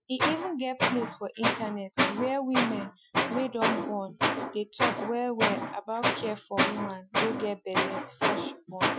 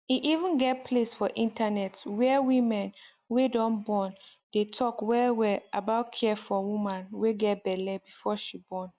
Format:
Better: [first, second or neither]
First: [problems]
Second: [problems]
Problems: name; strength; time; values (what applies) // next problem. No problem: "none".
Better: second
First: noise reduction (classical method Wiener filter)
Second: none